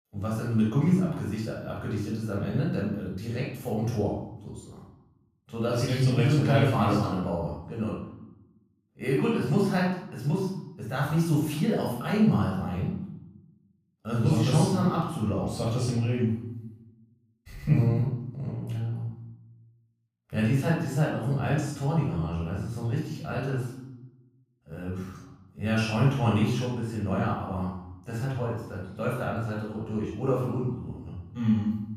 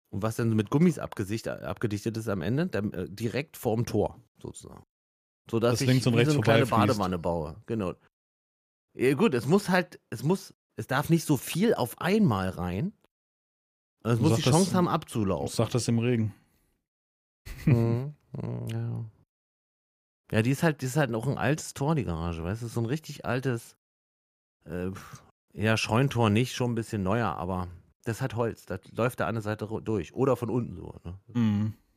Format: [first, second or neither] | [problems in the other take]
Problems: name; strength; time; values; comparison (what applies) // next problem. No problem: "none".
second | off-mic speech; far // room echo; noticeable; dies away in 0.8 s